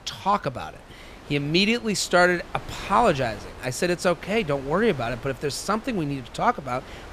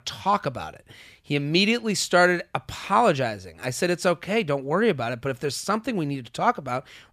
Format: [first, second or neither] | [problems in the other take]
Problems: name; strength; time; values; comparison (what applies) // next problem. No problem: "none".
second | wind noise on the microphone; occasional gusts; 20 dB below the speech